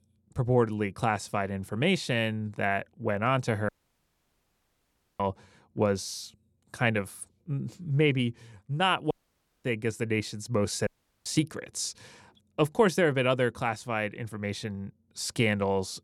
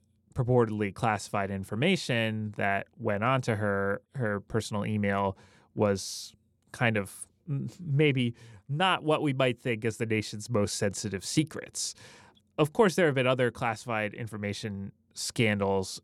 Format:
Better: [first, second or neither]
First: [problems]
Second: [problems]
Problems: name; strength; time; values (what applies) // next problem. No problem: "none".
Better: second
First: audio cutting out; at 3.5 s for 1.5 s, at 9 s for 0.5 s and at 11 s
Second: none